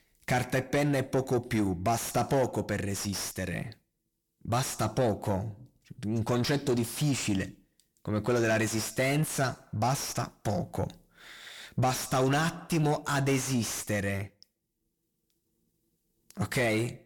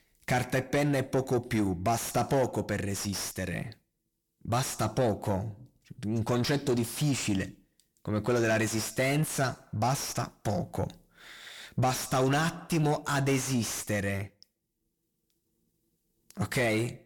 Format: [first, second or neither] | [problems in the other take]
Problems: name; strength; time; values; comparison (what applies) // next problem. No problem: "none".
neither | distortion; heavy; 7 dB below the speech; the same in both